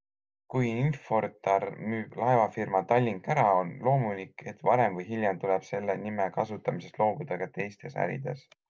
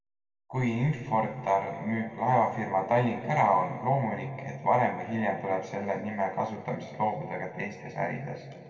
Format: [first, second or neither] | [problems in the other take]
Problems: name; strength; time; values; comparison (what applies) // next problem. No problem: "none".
first | room echo; dies away in 2 s